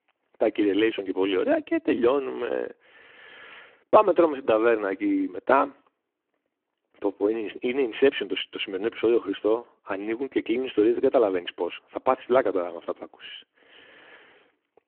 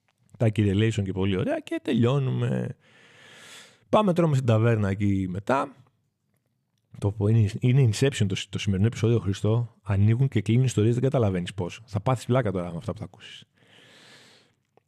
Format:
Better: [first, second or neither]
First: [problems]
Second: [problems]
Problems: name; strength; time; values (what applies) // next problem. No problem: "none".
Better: second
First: phone-call audio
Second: none